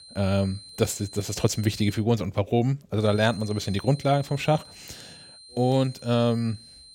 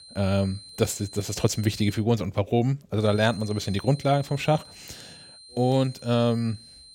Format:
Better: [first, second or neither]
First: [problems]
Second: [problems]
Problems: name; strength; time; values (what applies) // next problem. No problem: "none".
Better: neither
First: high-pitched whine; noticeable; until 2 s and from 3 s on; 4 kHz, 20 dB below the speech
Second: high-pitched whine; noticeable; until 2 s and from 3 s on; 4 kHz, 20 dB below the speech